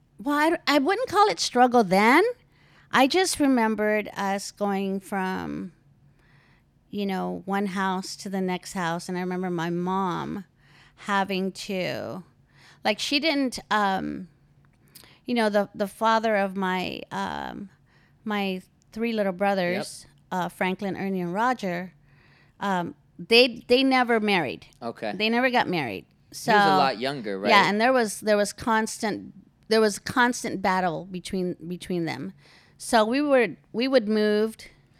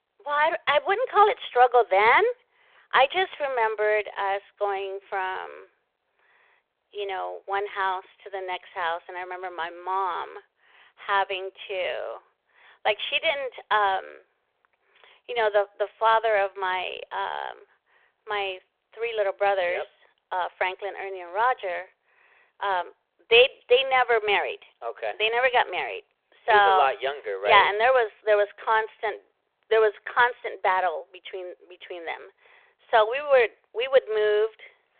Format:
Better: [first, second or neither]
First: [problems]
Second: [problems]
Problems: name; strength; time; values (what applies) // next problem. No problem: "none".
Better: first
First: none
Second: phone-call audio; nothing above 3.5 kHz